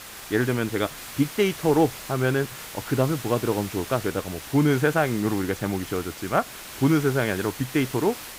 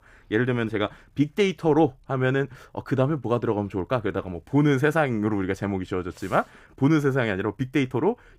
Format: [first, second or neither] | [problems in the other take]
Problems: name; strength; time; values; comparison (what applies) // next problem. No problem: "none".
second | hiss; noticeable; throughout; 10 dB below the speech